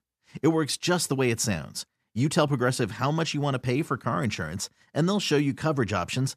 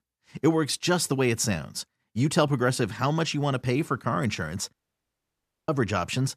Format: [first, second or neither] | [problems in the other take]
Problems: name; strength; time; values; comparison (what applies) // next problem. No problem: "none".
first | audio cutting out; at 4.5 s for 1 s